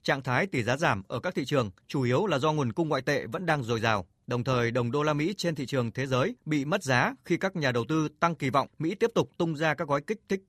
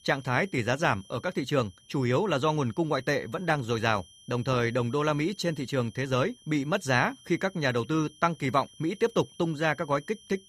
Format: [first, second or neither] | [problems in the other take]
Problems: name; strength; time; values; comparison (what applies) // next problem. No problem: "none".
first | high-pitched whine; faint; throughout; 3 kHz, 25 dB below the speech